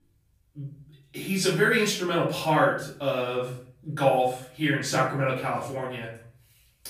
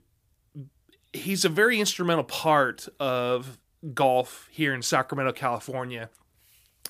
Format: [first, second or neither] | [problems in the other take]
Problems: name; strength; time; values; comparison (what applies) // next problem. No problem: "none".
second | off-mic speech; far // room echo; noticeable; dies away in 0.5 s